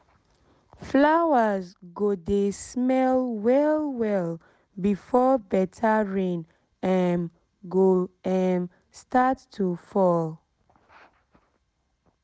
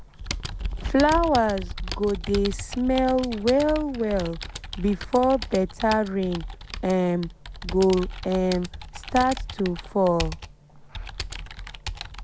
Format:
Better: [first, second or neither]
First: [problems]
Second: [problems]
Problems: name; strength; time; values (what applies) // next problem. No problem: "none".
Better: first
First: none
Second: background sound (Computer keyboard); 9 dB below the speech